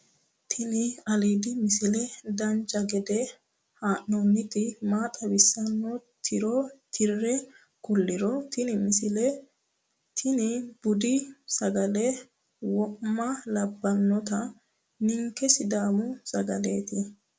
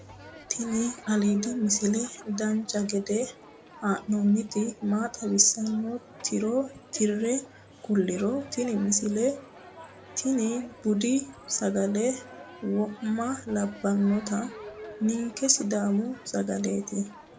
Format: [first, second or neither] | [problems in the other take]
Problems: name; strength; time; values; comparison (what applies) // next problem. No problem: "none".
first | background sound (Crowd); 19 dB below the speech